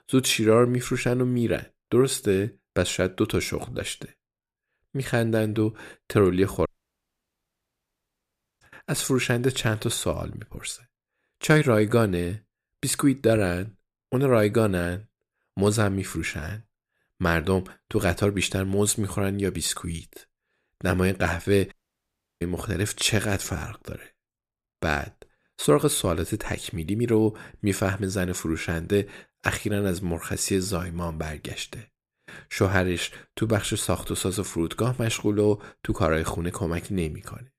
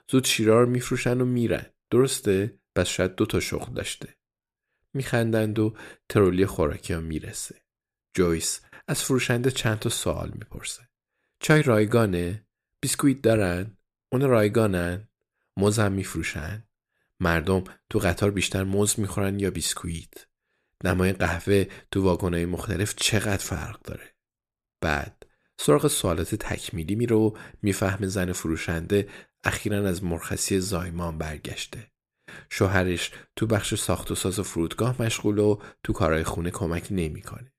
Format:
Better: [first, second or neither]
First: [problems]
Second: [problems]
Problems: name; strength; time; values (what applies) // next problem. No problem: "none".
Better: second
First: audio cutting out; at 6.5 s for 2 s and at 22 s for 0.5 s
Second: none